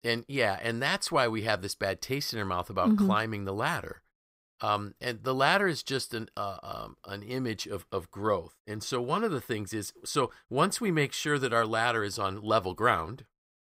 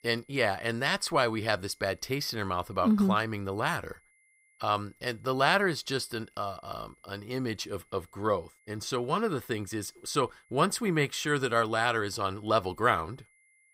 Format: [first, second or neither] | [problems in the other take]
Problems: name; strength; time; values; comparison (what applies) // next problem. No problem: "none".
first | high-pitched whine; faint; throughout; 2 kHz, 35 dB below the speech